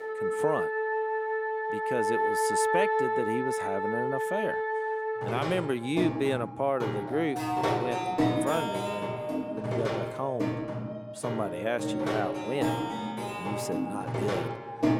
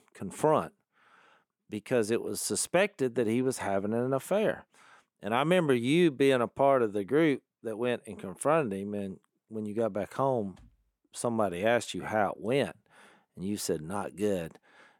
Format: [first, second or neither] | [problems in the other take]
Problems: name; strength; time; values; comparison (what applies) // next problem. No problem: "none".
second | background music; very loud; throughout; 2 dB above the speech